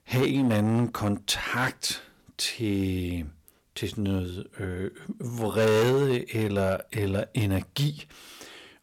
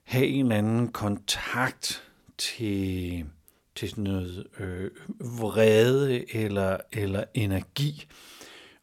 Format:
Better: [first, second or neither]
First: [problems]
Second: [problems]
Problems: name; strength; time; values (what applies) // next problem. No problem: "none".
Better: second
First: distortion; slight; 5% of the sound clipped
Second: none